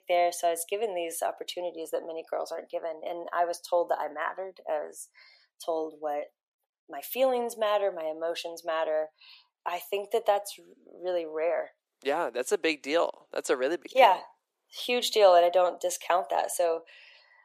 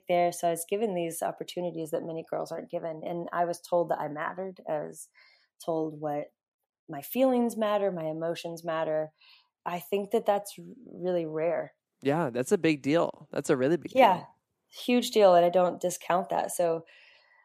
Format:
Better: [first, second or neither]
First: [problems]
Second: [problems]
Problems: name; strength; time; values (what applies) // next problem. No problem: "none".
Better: second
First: thin; somewhat; fading below 450 Hz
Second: none